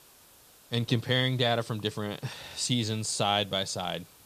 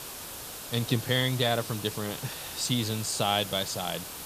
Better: first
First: hiss; faint; throughout; 25 dB below the speech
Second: hiss; loud; throughout; 9 dB below the speech

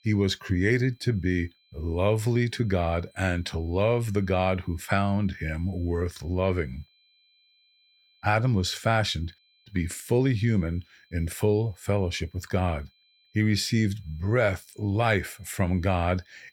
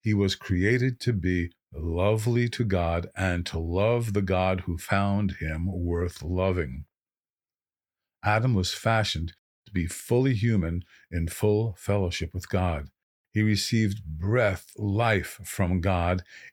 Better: second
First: high-pitched whine; faint; throughout; 4 kHz, 35 dB below the speech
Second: none

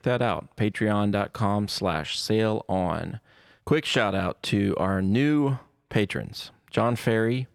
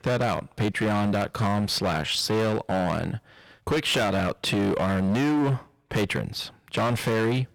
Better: first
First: none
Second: distortion; heavy; 21% of the sound clipped

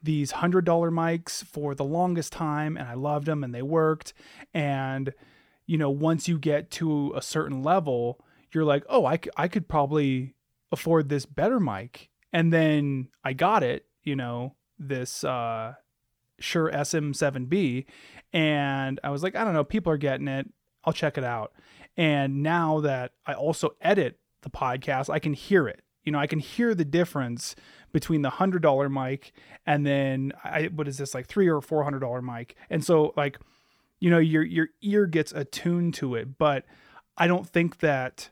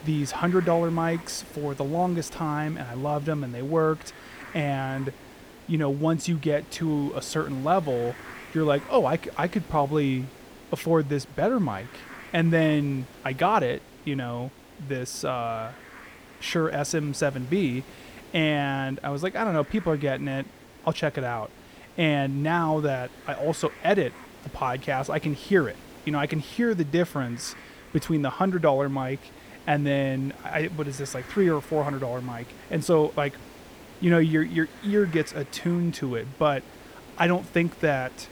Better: first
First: none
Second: hiss; noticeable; throughout; 20 dB below the speech

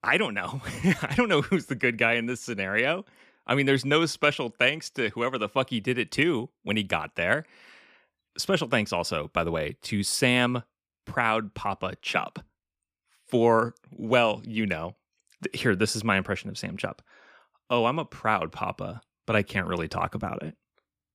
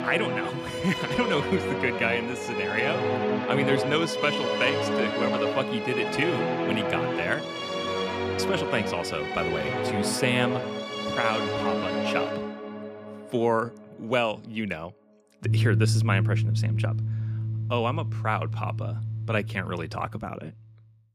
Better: first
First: none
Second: background music; very loud; throughout; 1 dB above the speech

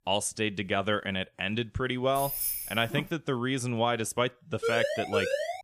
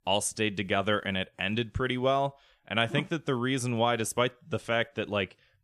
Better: second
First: jangling keys; loud; at 2 s; peak 1 dB above the speech // siren; loud; at 4.5 s; peak level with the speech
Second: none

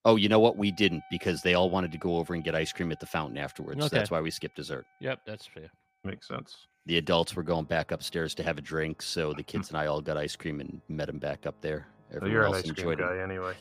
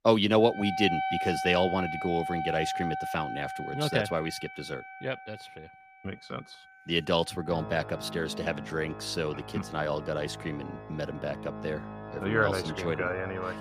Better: first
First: background music; faint; throughout; 30 dB below the speech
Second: background music; loud; throughout; 7 dB below the speech

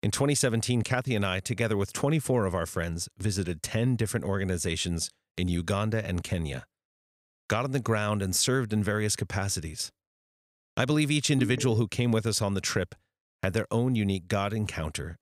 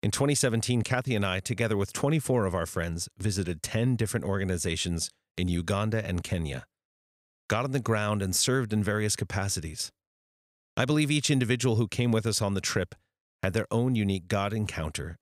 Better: second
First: phone ringing; noticeable; at 11 s; peak 6 dB below the speech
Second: none

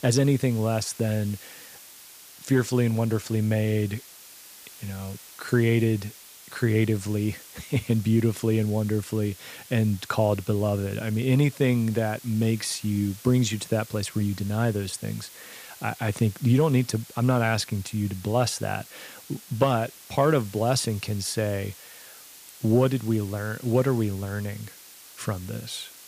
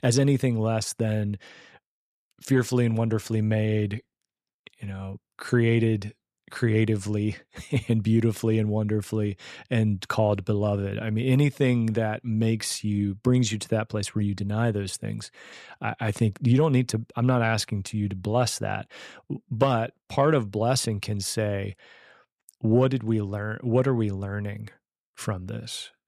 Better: second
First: hiss; noticeable; throughout; 20 dB below the speech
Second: none

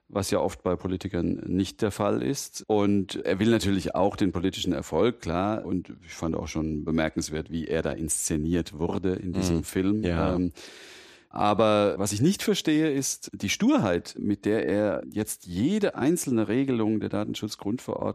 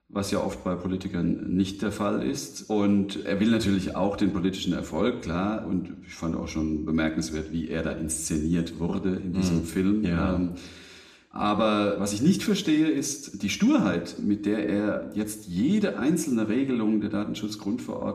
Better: first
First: none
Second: room echo; very slight; dies away in 0.6 s // off-mic speech; somewhat distant

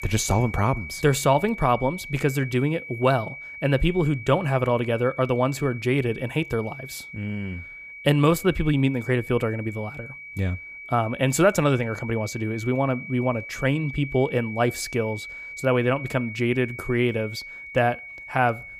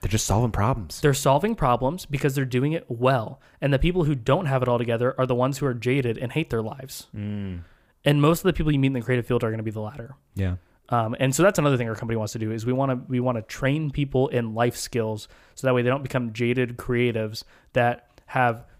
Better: second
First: high-pitched whine; noticeable; throughout; 2.5 kHz, 10 dB below the speech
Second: none

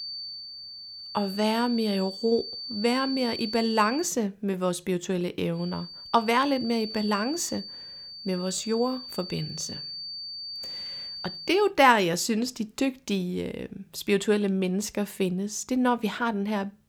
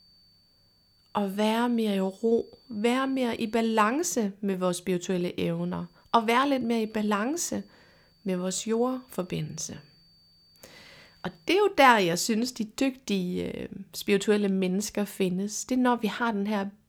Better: second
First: high-pitched whine; loud; until 4 s and from 5.5 to 12 s; 4.5 kHz, 9 dB below the speech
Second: high-pitched whine; faint; until 4 s and from 5.5 to 12 s; 4.5 kHz, 35 dB below the speech

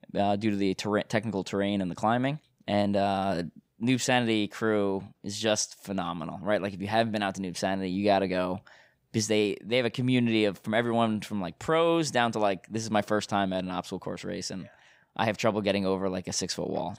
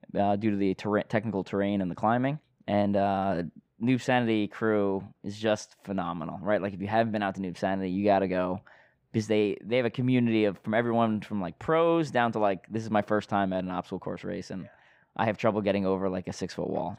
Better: first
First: none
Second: muffled; slightly; fading above 3.5 kHz

